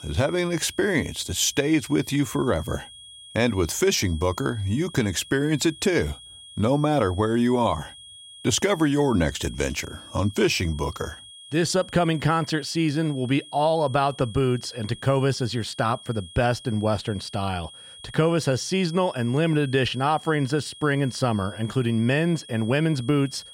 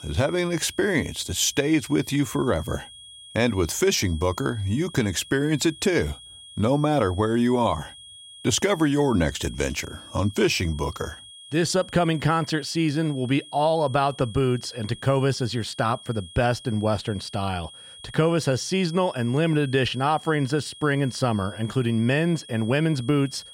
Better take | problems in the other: neither | high-pitched whine; noticeable; throughout; 3.5 kHz, 20 dB below the speech; the same in both

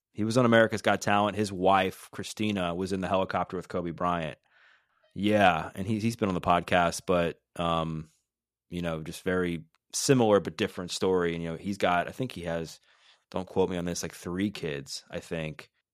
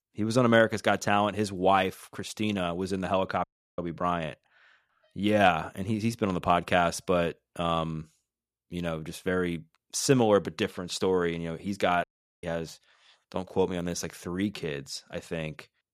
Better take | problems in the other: first | audio cutting out; at 3.5 s and at 12 s

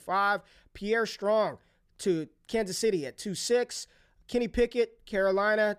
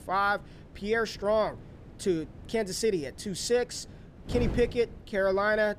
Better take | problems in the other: first | wind noise on the microphone; occasional gusts; 20 dB below the speech

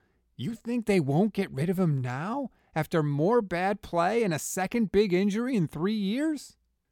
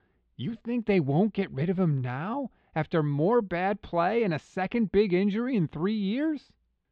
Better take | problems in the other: first | muffled; slightly; fading above 3.5 kHz

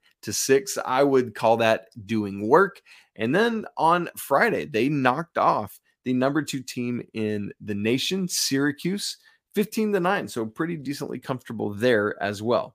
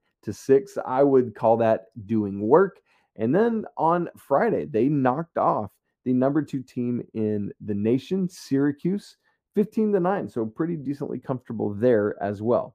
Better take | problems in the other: first | muffled; very; fading above 1.5 kHz

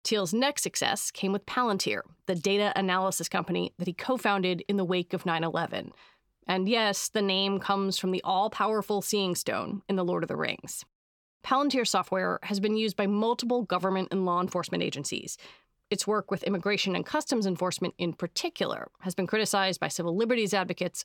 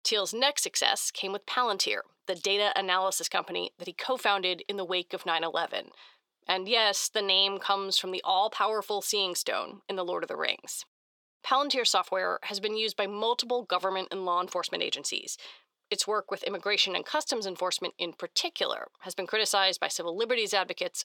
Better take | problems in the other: first | thin; very; fading below 550 Hz

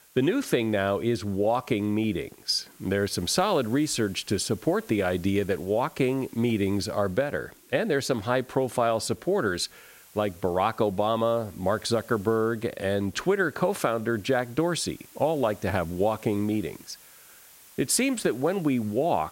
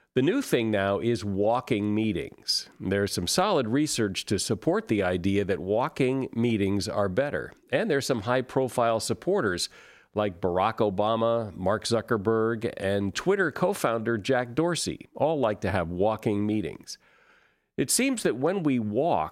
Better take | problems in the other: second | hiss; faint; throughout; 25 dB below the speech

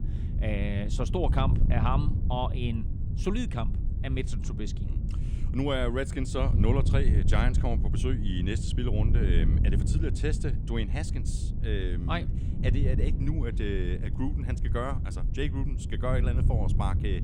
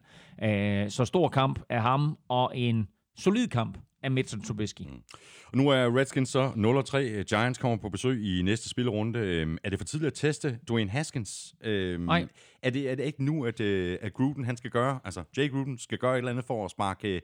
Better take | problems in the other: second | wind noise on the microphone; heavy; 8 dB below the speech

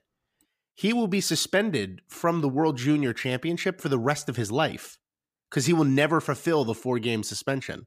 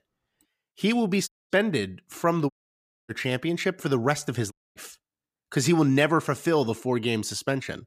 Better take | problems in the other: first | audio cutting out; at 1.5 s, at 2.5 s for 0.5 s and at 4.5 s

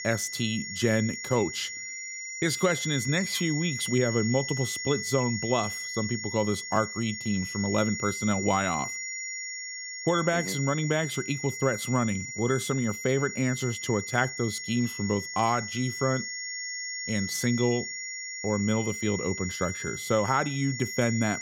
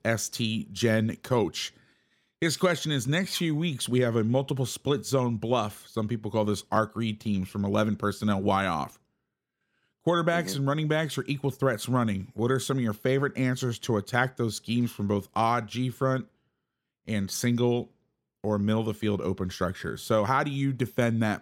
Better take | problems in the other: second | high-pitched whine; loud; throughout; 2 kHz, 5 dB below the speech

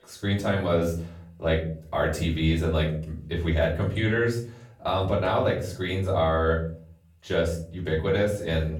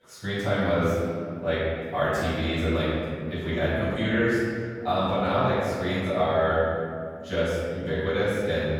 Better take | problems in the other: first | room echo; strong; dies away in 2.2 s; slight in the first // off-mic speech; far; far in the first

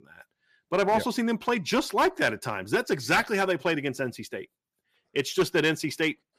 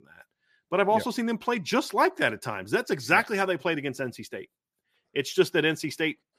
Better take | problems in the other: second | distortion; slight; 3% of the sound clipped

